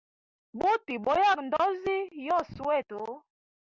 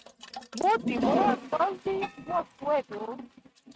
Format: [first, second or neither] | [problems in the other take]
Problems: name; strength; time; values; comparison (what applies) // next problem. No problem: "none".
first | noise reduction (neural mask model RNNoise)